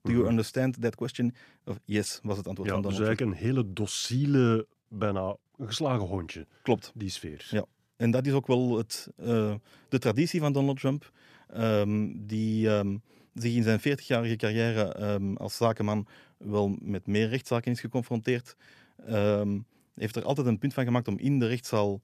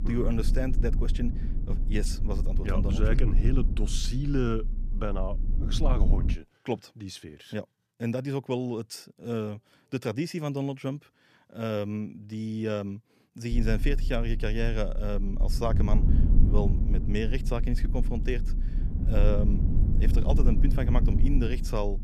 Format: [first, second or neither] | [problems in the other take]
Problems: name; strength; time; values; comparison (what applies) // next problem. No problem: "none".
first | low rumble; loud; until 6.5 s and from 14 s on; 8 dB below the speech